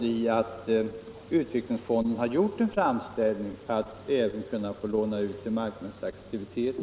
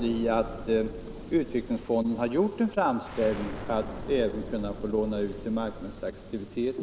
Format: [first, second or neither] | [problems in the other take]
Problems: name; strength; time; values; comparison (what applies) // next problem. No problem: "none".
first | background sound (Explosion); 12 dB below the speech